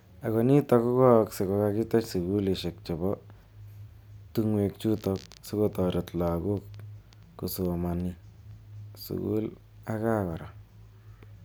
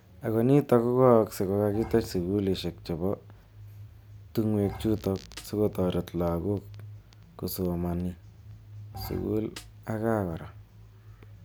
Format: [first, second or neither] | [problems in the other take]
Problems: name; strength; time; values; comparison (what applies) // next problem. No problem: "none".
first | background sound (Bowed string instrument + Snare drum); 15 dB below the speech